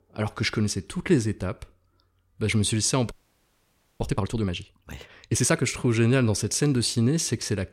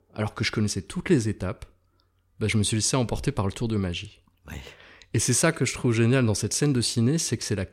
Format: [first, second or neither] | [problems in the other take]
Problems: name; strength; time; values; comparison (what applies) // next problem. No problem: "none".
second | audio freezing; at 3 s for 1 s